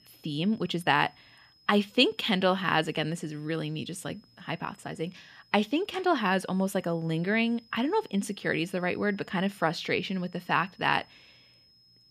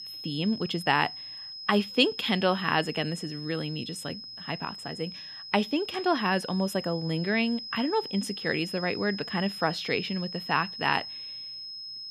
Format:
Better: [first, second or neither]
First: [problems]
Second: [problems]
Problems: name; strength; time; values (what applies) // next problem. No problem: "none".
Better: first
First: high-pitched whine; faint; throughout; 5 kHz, 30 dB below the speech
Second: high-pitched whine; loud; throughout; 5 kHz, 9 dB below the speech